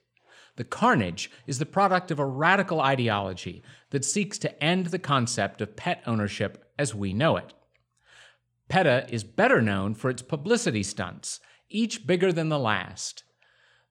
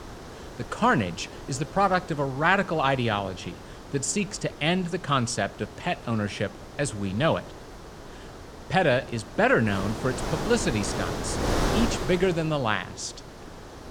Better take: first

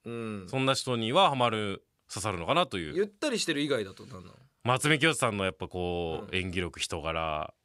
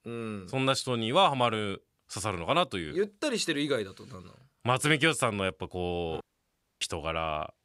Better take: first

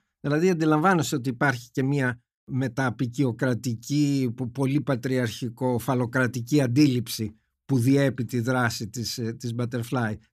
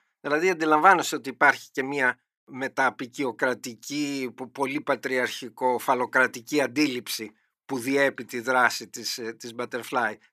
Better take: first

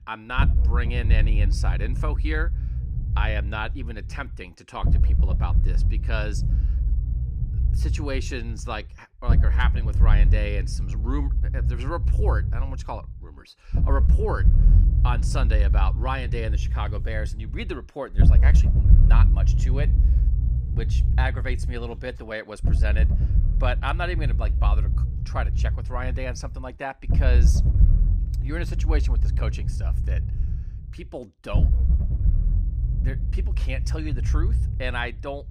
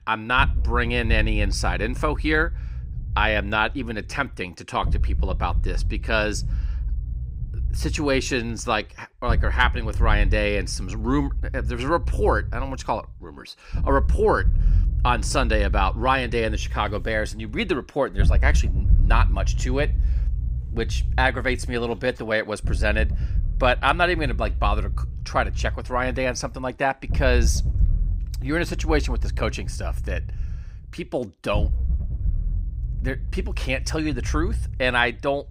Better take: second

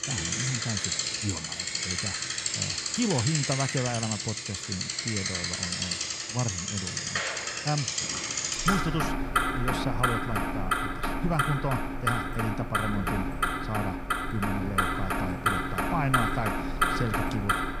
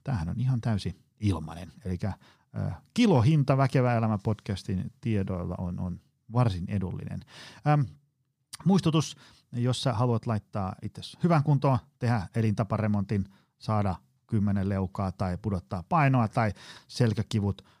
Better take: second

